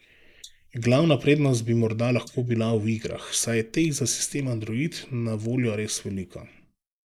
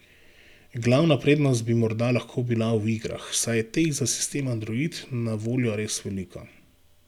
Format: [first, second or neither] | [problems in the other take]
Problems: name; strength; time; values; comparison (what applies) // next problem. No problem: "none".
second | noise reduction (neural mask model Resemble Enhance denoiser)